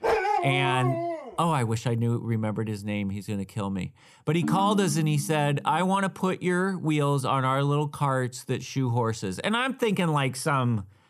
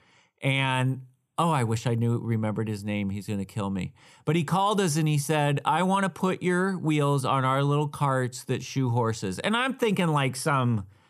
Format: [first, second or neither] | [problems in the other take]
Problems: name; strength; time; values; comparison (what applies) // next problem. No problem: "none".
second | dog barking; loud; until 1.5 s; peak 2 dB above the speech // phone ringing; noticeable; from 4.5 to 5.5 s; peak 2 dB below the speech